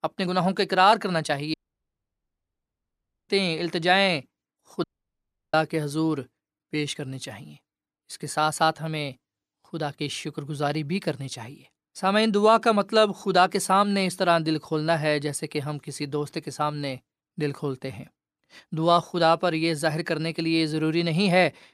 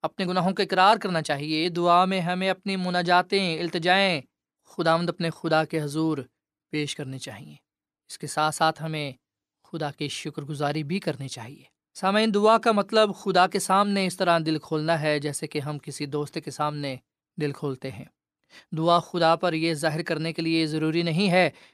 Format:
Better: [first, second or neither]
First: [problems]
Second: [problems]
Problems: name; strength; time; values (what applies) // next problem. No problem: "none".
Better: second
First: audio cutting out; at 1.5 s for 2 s and at 5 s for 0.5 s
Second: none